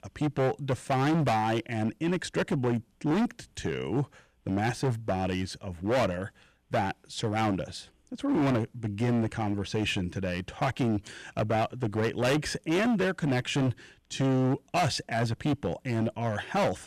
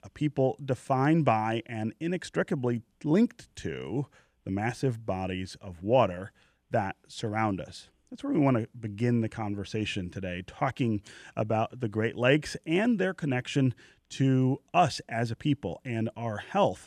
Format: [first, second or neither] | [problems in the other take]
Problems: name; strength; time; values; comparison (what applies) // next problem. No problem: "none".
second | distortion; heavy; 14% of the sound clipped